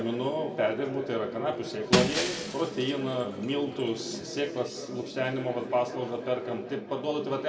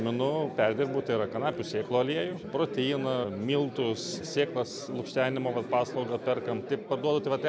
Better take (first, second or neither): second